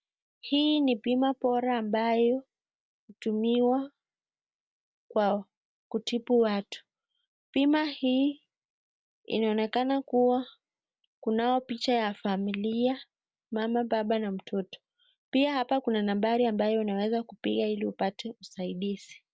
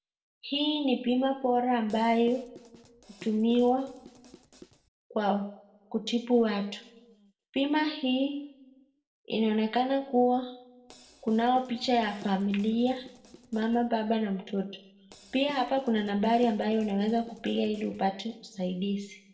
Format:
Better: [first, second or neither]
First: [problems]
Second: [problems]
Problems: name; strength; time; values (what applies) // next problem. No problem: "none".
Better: first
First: none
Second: noise reduction (neural separator model SepFormer DNS4)